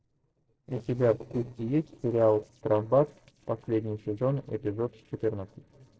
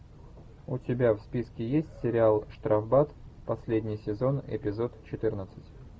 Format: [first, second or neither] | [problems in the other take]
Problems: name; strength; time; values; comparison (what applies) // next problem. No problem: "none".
second | noise reduction (neural separator model SepFormer DNS4)